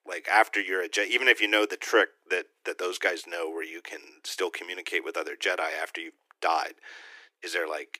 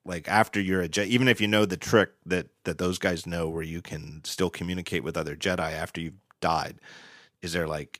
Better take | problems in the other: second | thin; very; fading below 300 Hz

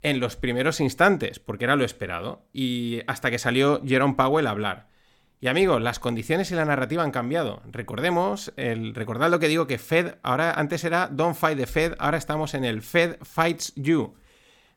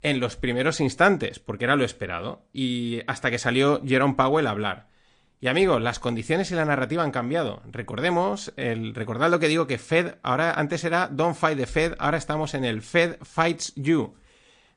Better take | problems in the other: first | garbled, watery; slightly

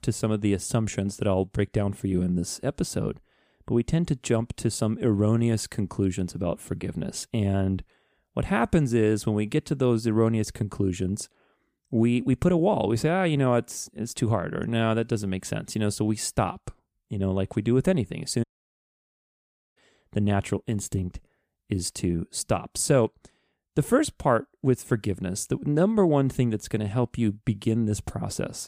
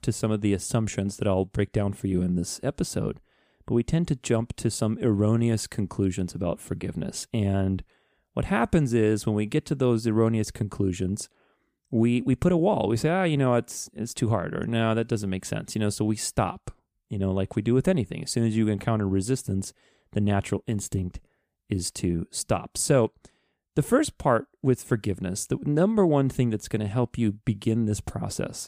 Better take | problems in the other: second | audio cutting out; at 18 s for 1.5 s

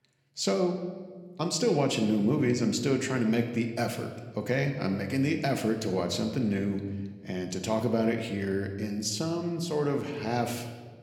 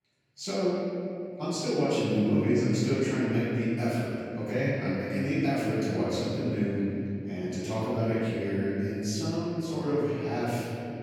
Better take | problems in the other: first | room echo; strong; dies away in 2.8 s; slight in the first // off-mic speech; far

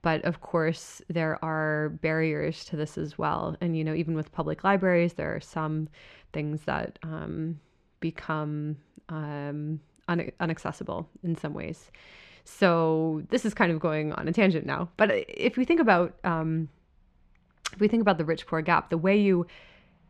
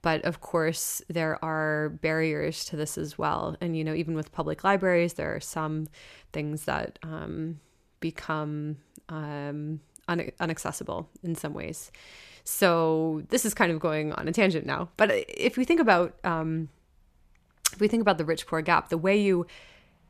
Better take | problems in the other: second | muffled; slightly; fading above 3.5 kHz

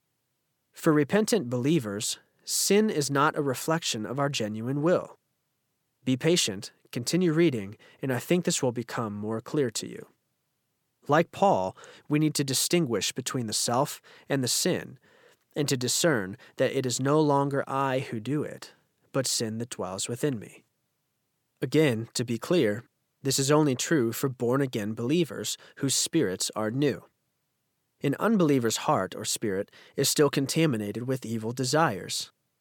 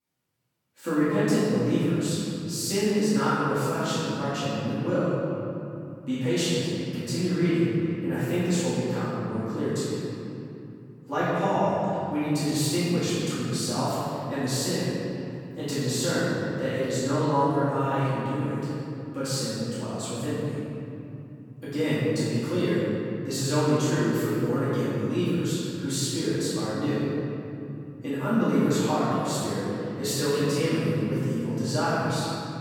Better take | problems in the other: first | off-mic speech; far // room echo; strong; dies away in 3 s

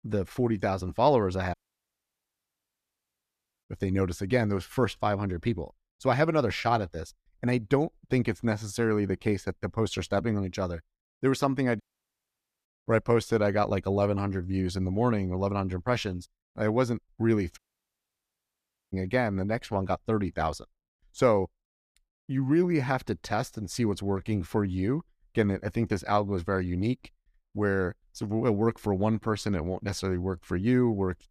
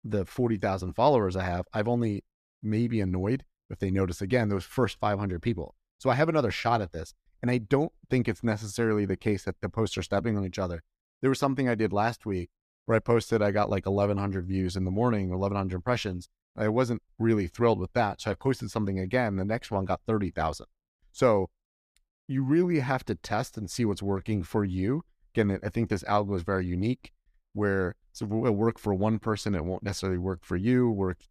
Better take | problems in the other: second | audio cutting out; at 1.5 s for 2 s, at 12 s for 1 s and at 18 s for 1.5 s

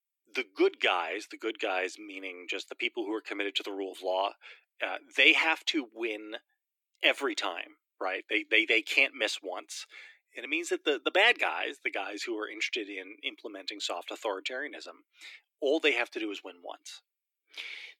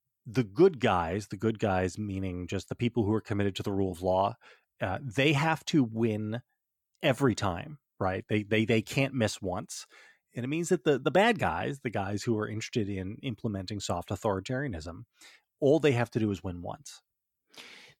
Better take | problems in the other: second | thin; very; fading below 300 Hz

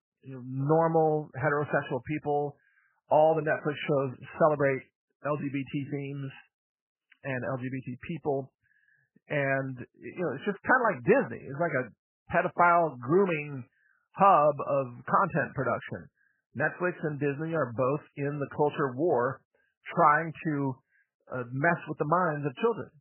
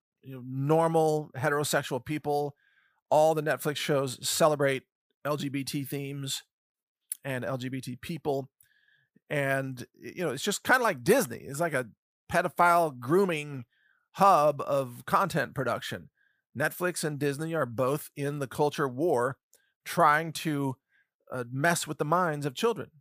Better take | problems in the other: second | garbled, watery; badly; nothing above 3 kHz

